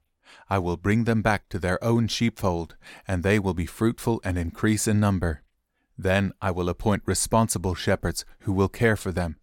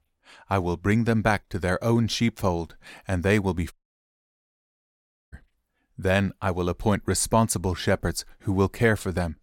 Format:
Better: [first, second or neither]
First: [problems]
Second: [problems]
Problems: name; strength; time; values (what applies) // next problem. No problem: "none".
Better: first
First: none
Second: audio cutting out; at 3.5 s for 1.5 s